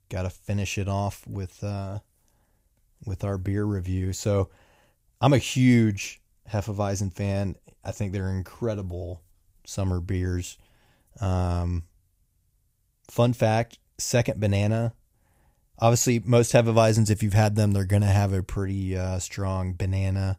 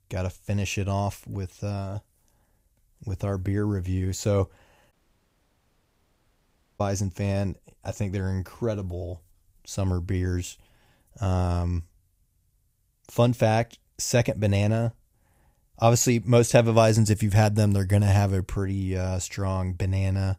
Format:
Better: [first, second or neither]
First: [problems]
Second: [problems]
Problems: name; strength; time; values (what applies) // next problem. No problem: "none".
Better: first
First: none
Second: audio cutting out; at 5 s for 2 s